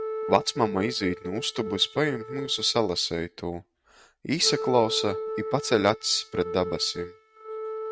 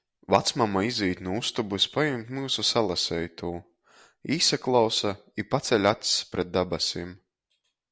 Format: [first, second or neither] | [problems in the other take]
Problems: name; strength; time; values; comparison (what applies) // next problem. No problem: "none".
second | noise reduction (neural mask model RNNoise)